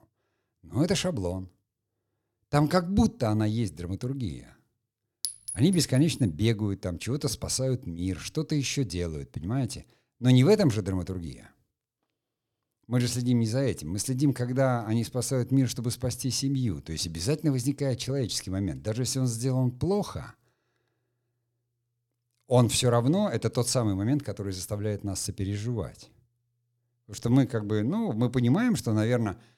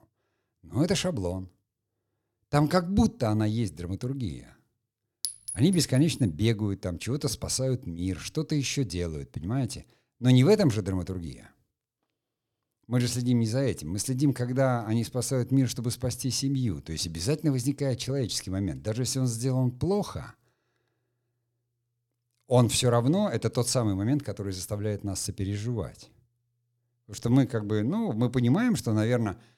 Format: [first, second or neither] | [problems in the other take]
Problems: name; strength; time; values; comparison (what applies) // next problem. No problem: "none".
neither | clattering dishes; noticeable; at 5 s; peak 6 dB below the speech; the same in both